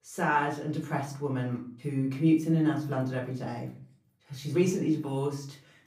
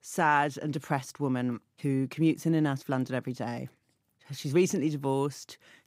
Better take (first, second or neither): second